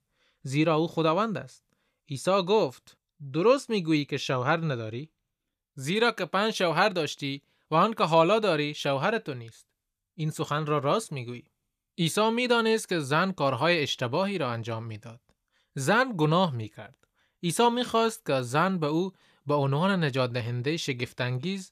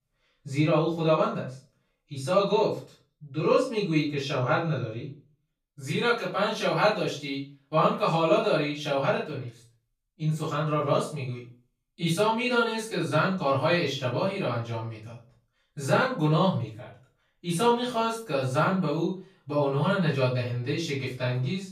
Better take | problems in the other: first | off-mic speech; far // room echo; noticeable; dies away in 0.3 s

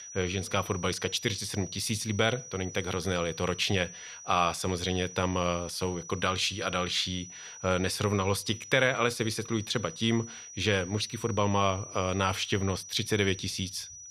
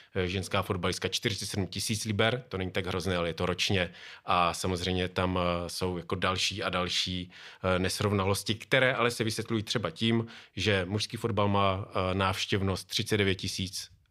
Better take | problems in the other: second | high-pitched whine; noticeable; throughout; 6 kHz, 15 dB below the speech

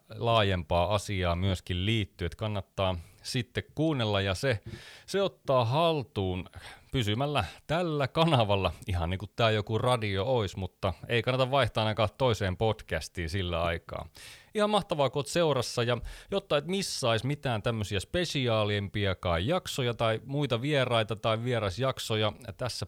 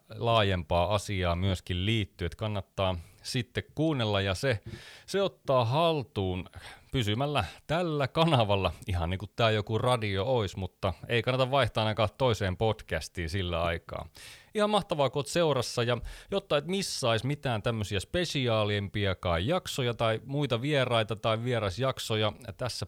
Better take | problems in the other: neither | none

